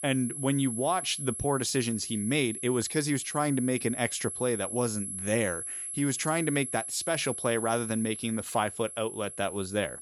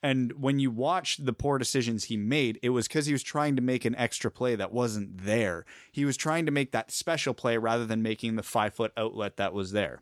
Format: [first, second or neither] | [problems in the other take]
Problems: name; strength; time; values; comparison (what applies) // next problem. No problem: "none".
second | high-pitched whine; loud; throughout; 11 kHz, 6 dB below the speech